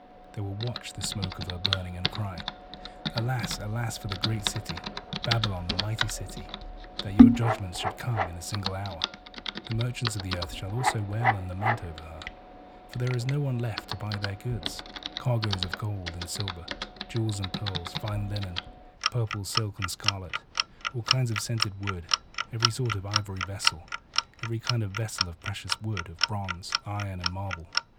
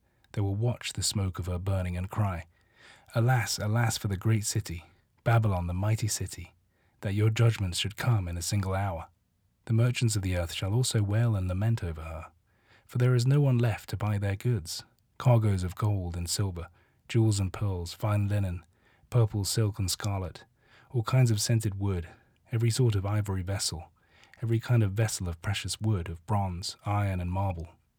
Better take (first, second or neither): second